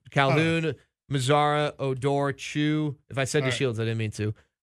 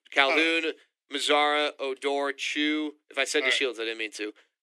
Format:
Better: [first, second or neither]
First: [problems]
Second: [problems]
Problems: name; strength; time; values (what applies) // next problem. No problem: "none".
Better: first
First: none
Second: thin; somewhat; fading below 300 Hz